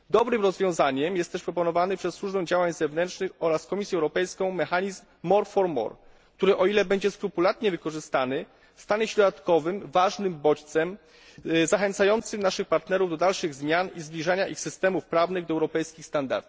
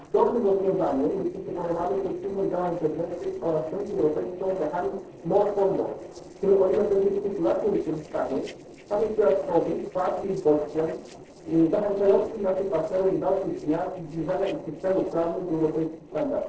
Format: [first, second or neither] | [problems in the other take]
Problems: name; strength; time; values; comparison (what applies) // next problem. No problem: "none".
first | noise reduction (neural separator model SepFormer DNS4)